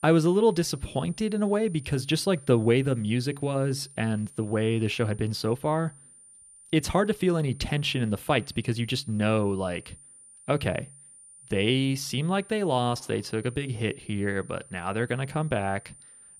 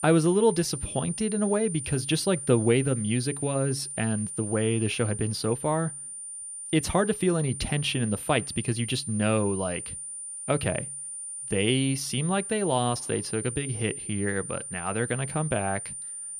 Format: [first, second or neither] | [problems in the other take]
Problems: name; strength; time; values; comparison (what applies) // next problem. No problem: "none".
first | high-pitched whine; loud; throughout; 9 kHz, 7 dB below the speech; faint in the first